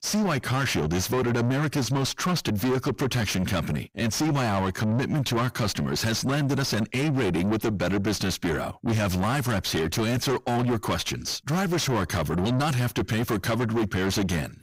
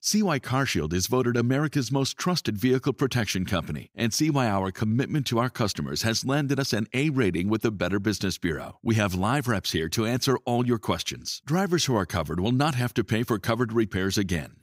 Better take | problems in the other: second | distortion; heavy; 6 dB below the speech

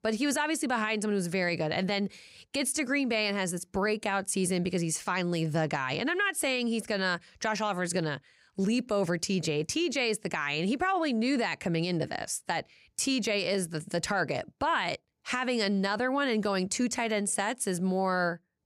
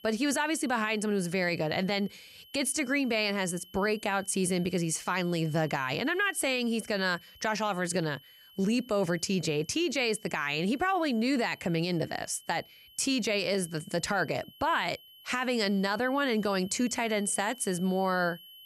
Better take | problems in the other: first | high-pitched whine; faint; throughout; 3 kHz, 20 dB below the speech

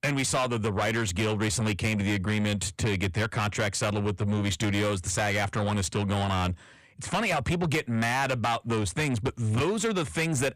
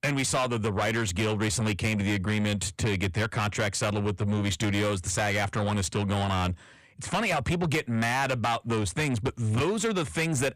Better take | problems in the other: neither | distortion; heavy; 8 dB below the speech; the same in both

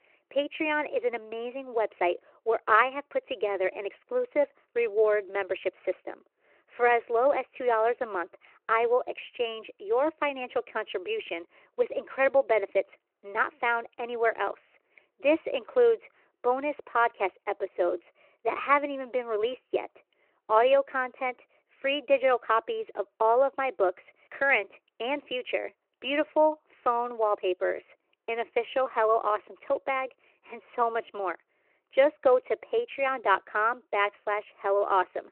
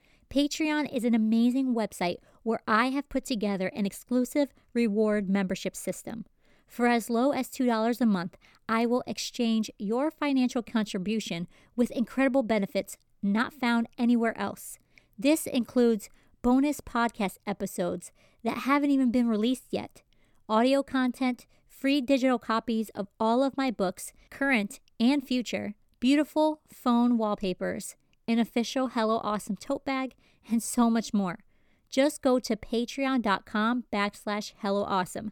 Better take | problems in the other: second | phone-call audio

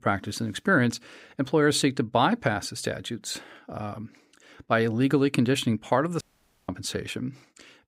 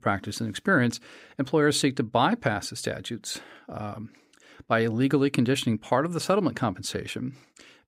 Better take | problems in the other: second | audio cutting out; at 6 s

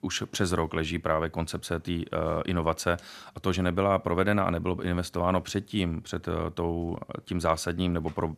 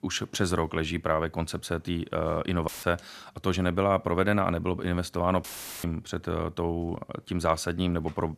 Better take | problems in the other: first | audio cutting out; filled with static; at 2.5 s and at 5.5 s

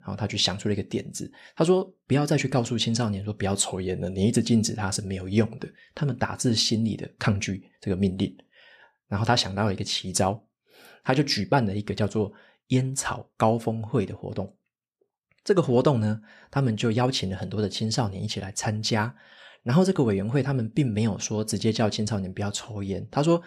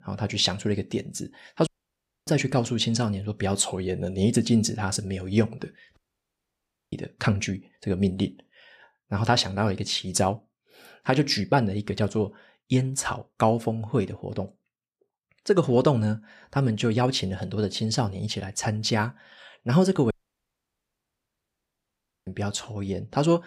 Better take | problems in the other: first | audio cutting out; at 1.5 s for 0.5 s, at 6 s for 1 s and at 20 s for 2 s

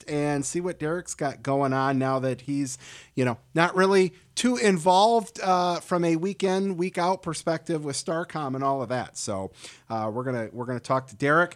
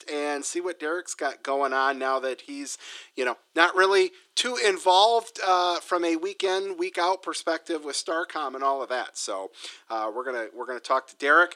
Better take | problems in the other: first | thin; very; fading below 350 Hz

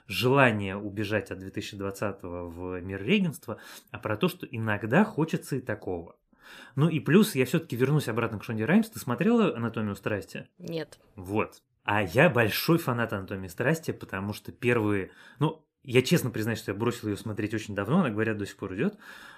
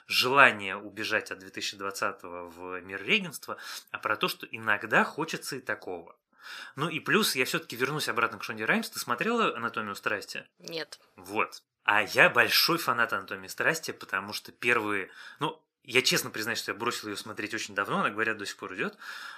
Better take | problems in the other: first | thin; somewhat; fading below 850 Hz

